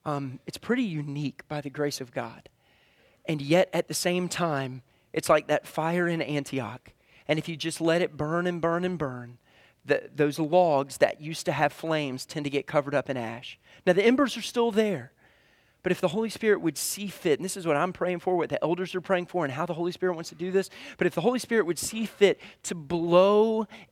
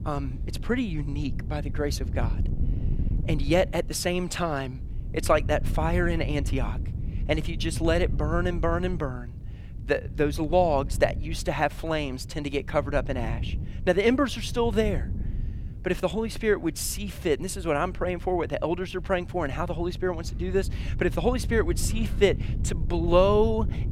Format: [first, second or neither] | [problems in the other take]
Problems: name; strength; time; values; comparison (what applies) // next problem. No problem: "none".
first | wind noise on the microphone; occasional gusts; 20 dB below the speech